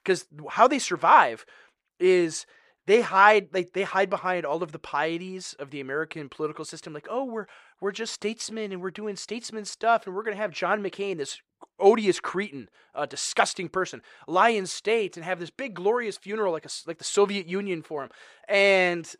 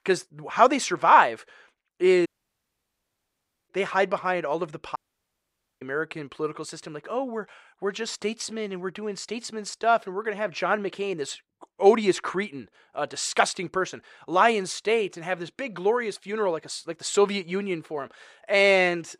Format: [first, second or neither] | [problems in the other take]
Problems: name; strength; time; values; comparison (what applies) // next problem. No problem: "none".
first | audio cutting out; at 2.5 s for 1.5 s and at 5 s for 1 s